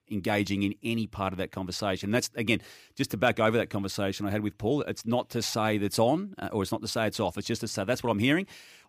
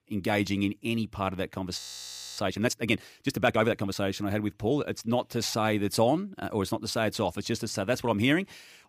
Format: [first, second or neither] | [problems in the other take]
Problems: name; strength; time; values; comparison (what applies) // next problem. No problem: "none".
first | audio freezing; at 2 s for 0.5 s